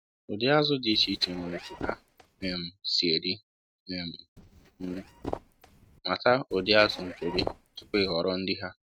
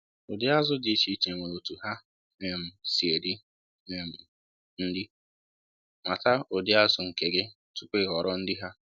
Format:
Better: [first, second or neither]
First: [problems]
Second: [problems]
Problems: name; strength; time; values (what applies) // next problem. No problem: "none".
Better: second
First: noise reduction (neural mask model RNNoise)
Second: none